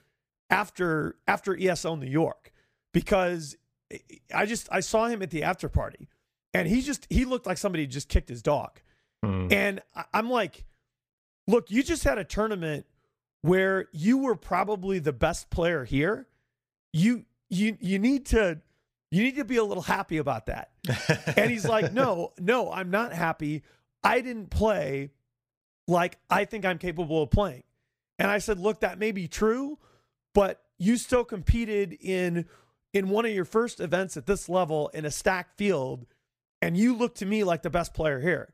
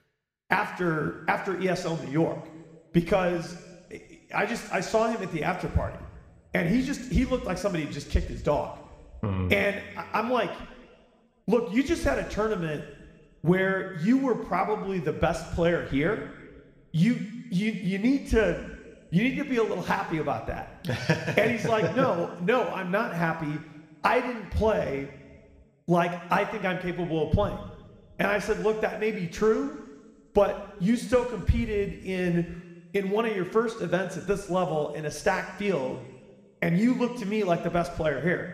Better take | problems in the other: first | room echo; slight; dies away in 1.5 s

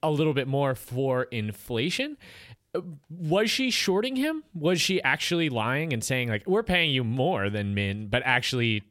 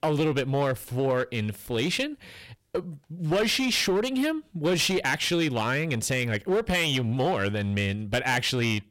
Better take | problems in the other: first | distortion; slight; 11% of the sound clipped

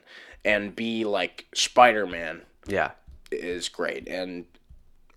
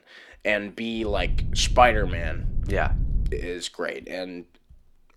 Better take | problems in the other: first | low rumble; faint; from 1 to 3.5 s; 20 dB below the speech

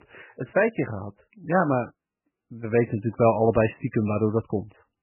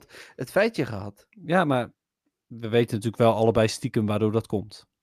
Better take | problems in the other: second | garbled, watery; badly; nothing above 2.5 kHz

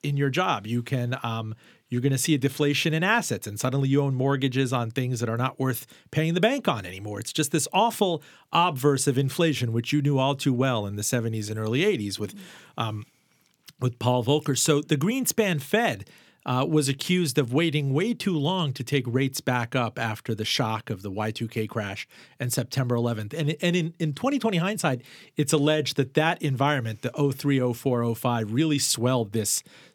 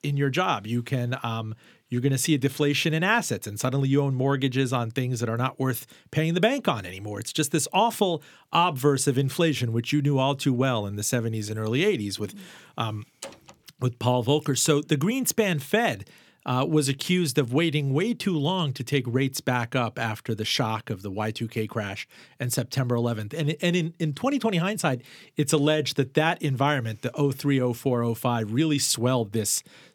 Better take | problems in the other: first | door banging; faint; at 13 s; peak 15 dB below the speech

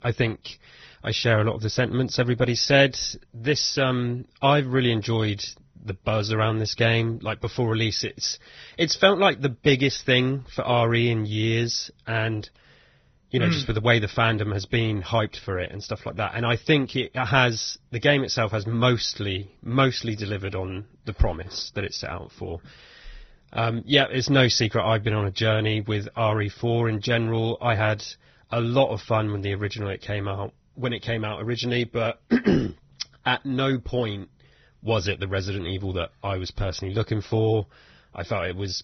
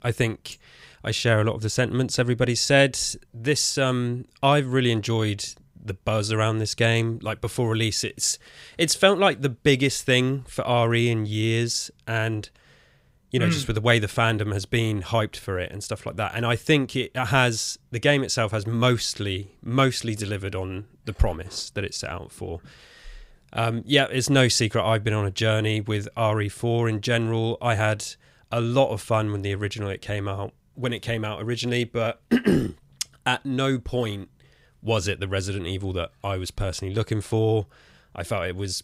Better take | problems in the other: second | garbled, watery; badly; nothing above 6 kHz

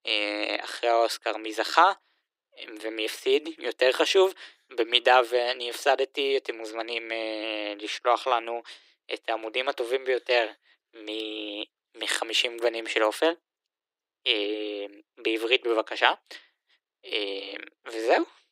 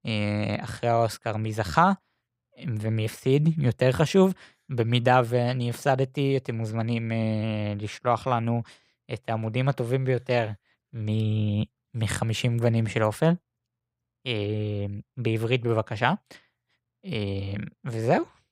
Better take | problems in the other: second | thin; very; fading below 300 Hz

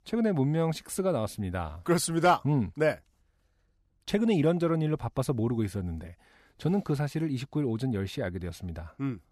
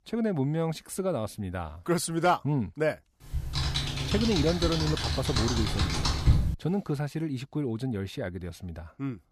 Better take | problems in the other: first | keyboard typing; loud; from 3.5 to 6.5 s; peak 5 dB above the speech

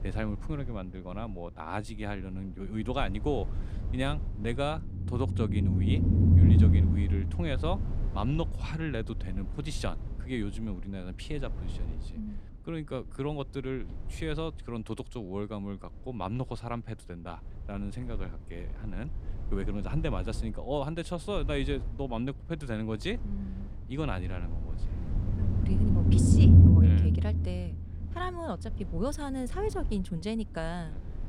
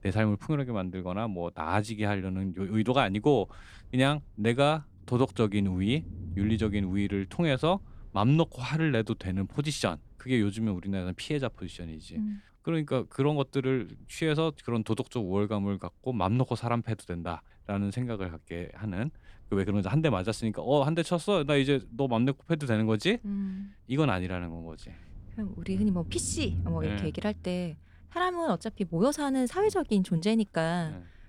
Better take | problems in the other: second | low rumble; loud; throughout; 1 dB below the speech; faint in the second

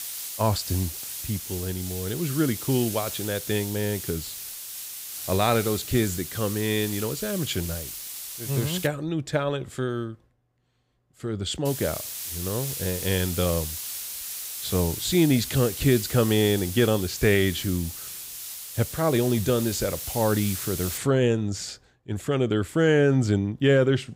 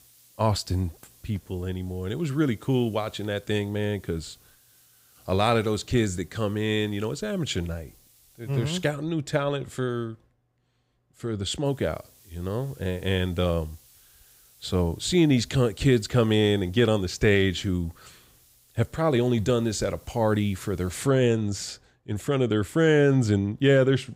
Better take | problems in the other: second | hiss; loud; until 9 s and from 12 to 21 s; 7 dB below the speech; faint in the second

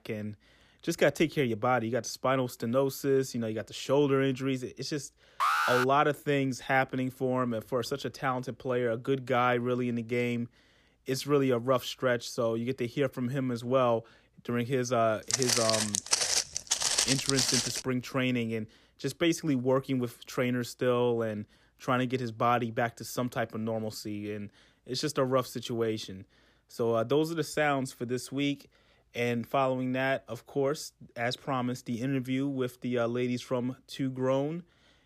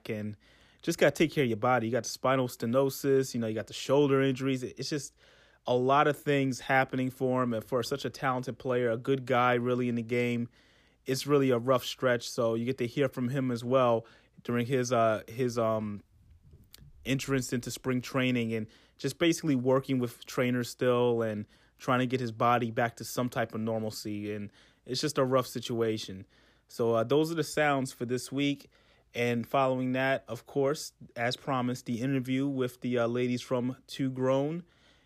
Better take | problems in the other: second | alarm; loud; at 5.5 s; peak 4 dB above the speech // footsteps; loud; from 15 to 18 s; peak 5 dB above the speech

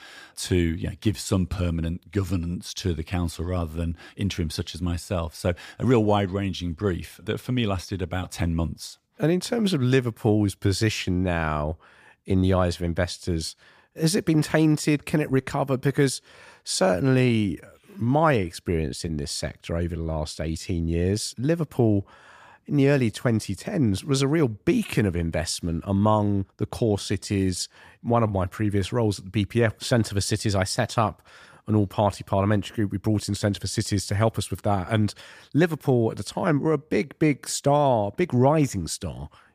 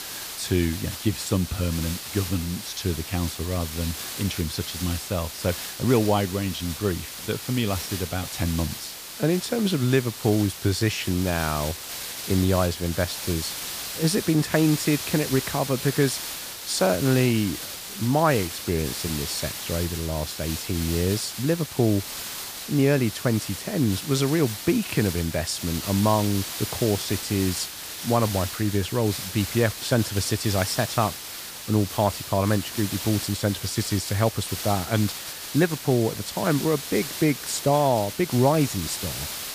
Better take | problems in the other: first | hiss; loud; throughout; 7 dB below the speech

